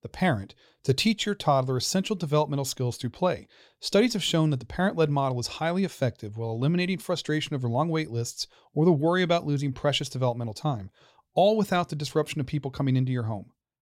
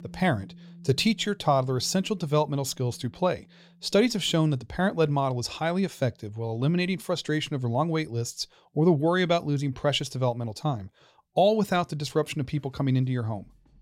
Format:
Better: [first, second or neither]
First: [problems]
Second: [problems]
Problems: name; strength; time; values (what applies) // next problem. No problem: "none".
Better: first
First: none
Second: background music; faint; throughout; 25 dB below the speech